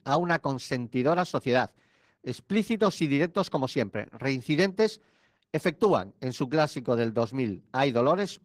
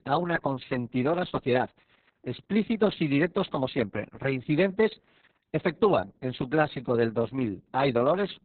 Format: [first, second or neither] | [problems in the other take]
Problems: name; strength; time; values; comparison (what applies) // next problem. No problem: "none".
first | garbled, watery; badly; nothing above 4 kHz; slightly in the first